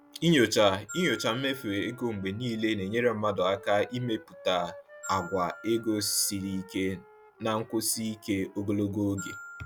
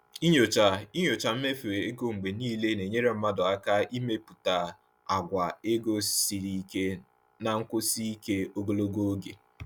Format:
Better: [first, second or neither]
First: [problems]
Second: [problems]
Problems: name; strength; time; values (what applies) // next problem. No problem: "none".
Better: second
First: background sound (Glockenspiel + Wind instrument, woodwind instrument); 19 dB below the speech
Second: none